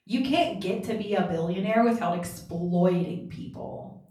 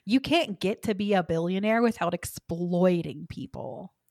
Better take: second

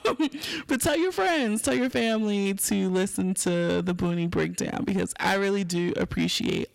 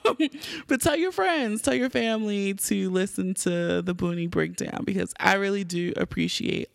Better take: second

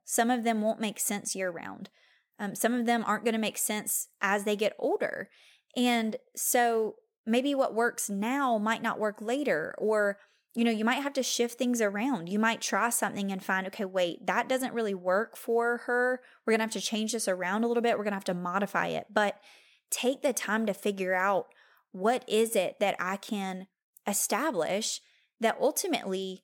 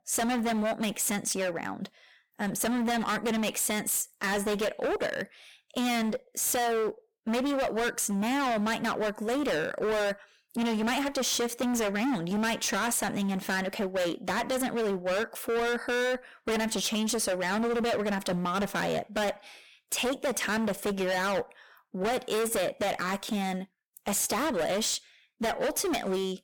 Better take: first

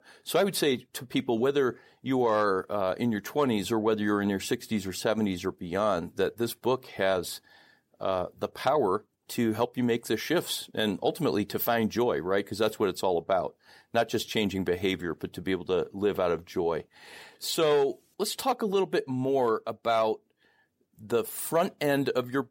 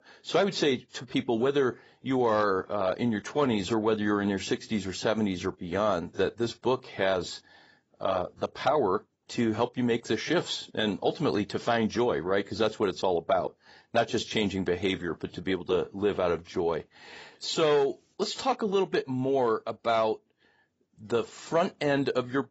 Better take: first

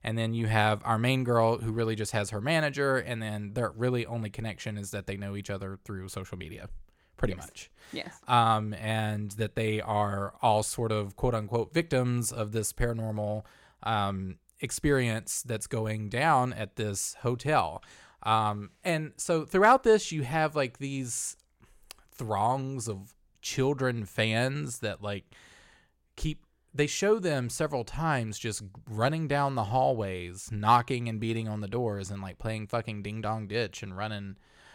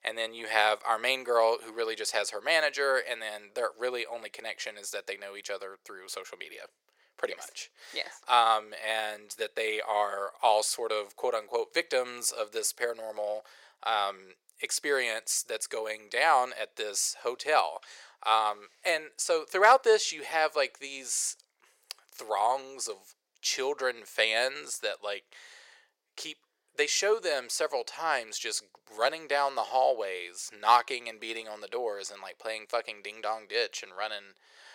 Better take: first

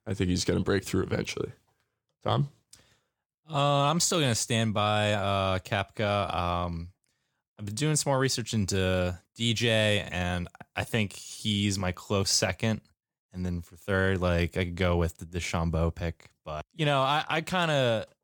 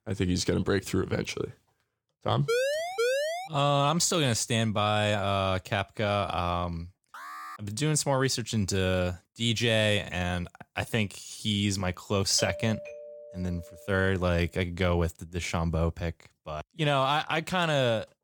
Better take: first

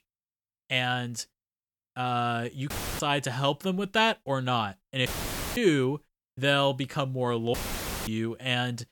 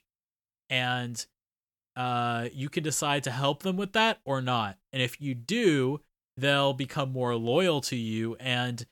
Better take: second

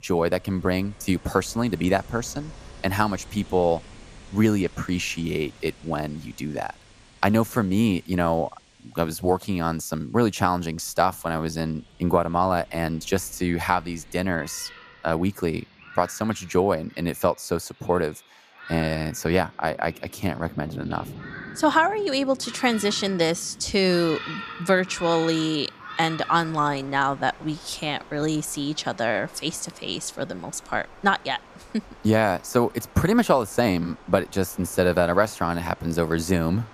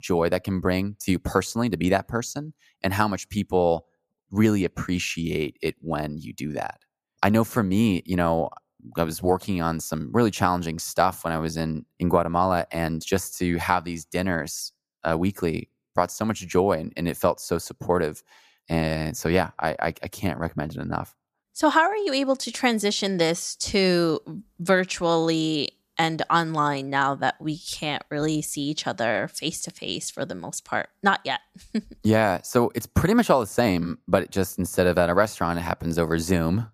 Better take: second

